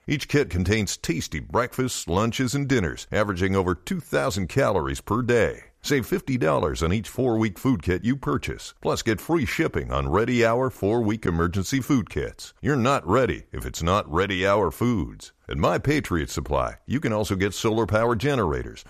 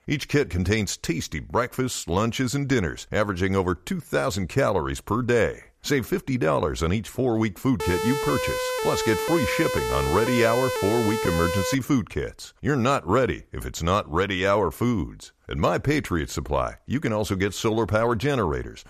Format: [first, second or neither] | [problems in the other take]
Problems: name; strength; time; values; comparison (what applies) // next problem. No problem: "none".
first | siren; noticeable; from 8 to 12 s; peak 2 dB below the speech